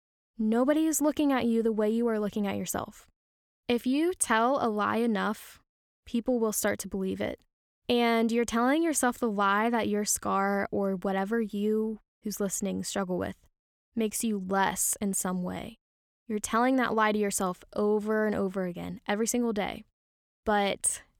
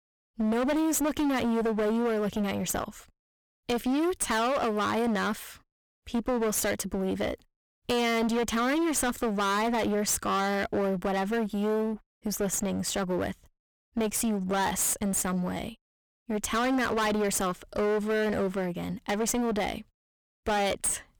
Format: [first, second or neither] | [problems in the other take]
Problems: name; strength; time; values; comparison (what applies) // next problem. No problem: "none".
first | distortion; heavy; 23% of the sound clipped